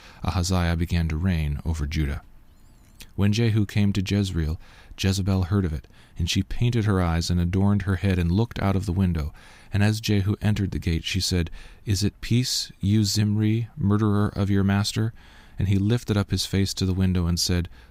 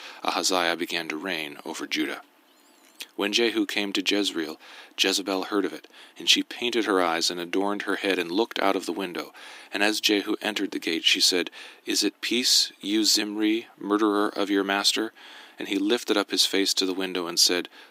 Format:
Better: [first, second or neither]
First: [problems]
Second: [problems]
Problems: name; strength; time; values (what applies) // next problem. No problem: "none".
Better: first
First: none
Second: thin; very; fading below 300 Hz